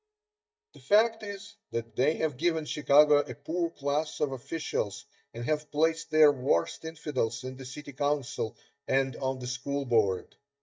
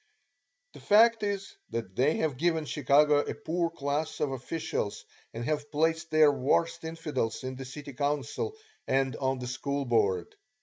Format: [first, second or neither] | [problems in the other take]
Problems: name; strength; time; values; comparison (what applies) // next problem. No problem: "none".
second | noise reduction (neural mask model DeepFilterNet 3)